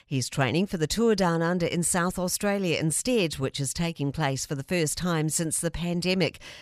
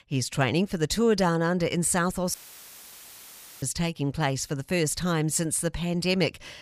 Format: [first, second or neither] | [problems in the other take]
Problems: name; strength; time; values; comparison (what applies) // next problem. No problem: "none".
first | audio cutting out; filled with static; at 2.5 s for 1.5 s